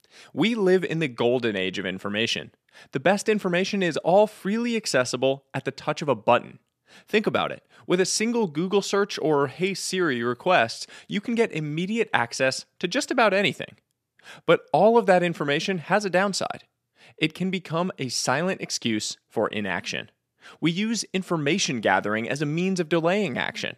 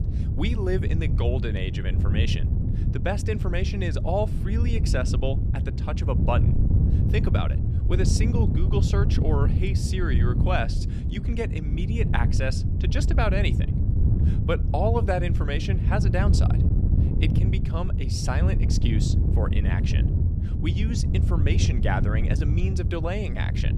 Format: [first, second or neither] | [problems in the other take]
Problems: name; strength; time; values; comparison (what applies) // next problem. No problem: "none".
first | wind noise on the microphone; heavy; 6 dB below the speech